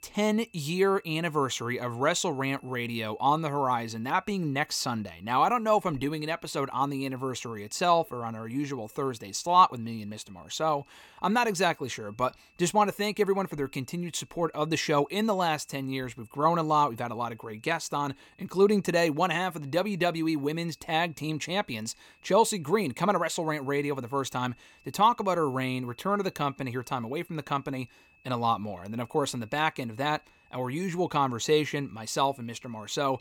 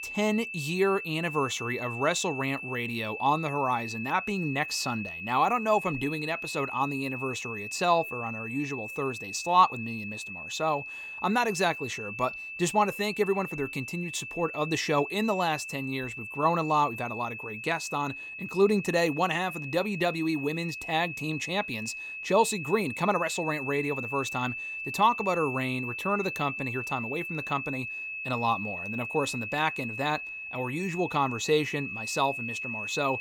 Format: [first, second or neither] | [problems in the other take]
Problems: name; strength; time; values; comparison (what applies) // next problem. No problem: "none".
first | high-pitched whine; loud; throughout; 2.5 kHz, 6 dB below the speech; faint in the first